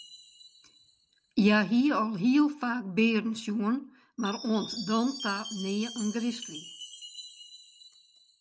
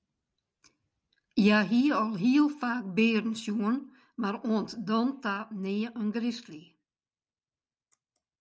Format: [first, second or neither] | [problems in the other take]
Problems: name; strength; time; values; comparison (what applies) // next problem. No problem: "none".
second | background sound (Chime); 16 dB below the speech